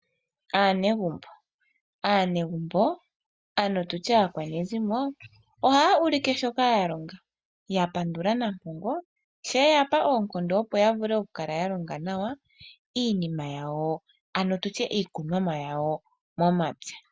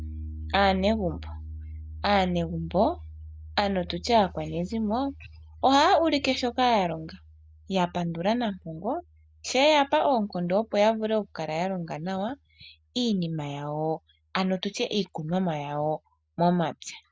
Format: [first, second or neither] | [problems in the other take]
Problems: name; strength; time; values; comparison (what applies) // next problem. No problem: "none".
first | background sound (Piano); 17 dB below the speech